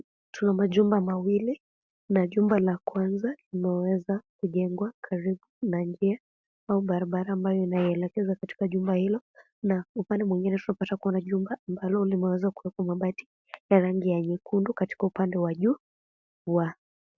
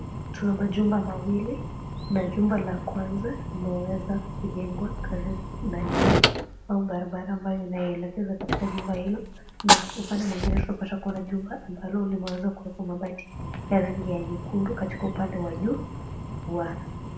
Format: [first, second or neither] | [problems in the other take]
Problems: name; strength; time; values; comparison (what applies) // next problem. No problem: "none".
first | background sound (Fire); 1 dB below the speech // room echo; dies away in 0.6 s